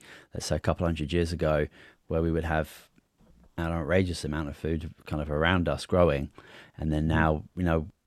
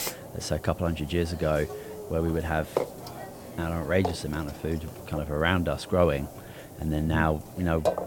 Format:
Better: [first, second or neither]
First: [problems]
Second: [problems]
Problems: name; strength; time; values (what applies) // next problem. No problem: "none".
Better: first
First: none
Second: hiss; noticeable; throughout; 10 dB below the speech